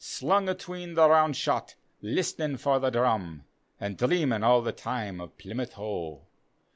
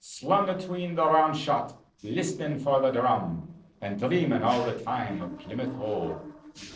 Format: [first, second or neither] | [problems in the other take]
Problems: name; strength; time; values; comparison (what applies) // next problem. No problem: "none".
first | noise reduction (neural separator model SepFormer DNS4)